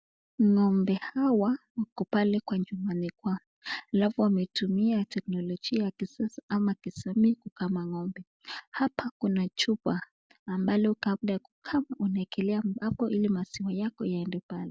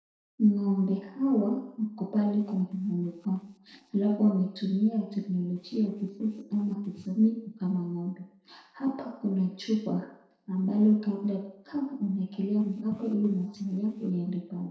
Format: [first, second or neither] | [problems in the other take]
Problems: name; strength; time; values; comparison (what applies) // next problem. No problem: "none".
first | noise reduction (neural separator model SepFormer DNS4)